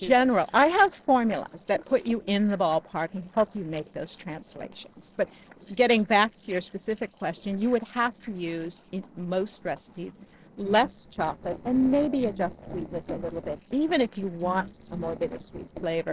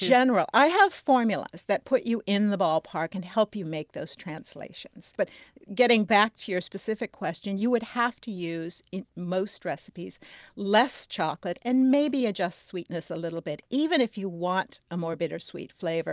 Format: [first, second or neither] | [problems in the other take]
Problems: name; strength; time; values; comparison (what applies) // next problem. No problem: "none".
second | noise reduction (neural separator model SepFormer DNS4)